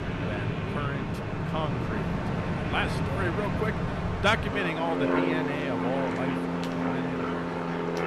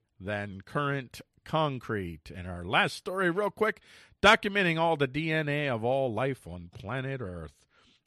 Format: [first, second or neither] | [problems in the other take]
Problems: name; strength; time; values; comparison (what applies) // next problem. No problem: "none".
second | train or aircraft noise; very loud; throughout; 3 dB above the speech